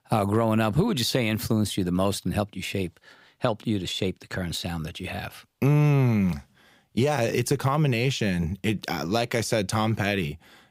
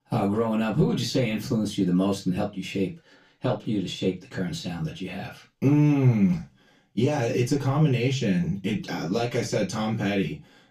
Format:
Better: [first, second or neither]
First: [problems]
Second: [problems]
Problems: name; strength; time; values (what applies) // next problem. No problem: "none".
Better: first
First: none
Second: room echo; very slight; dies away in 0.2 s // off-mic speech; far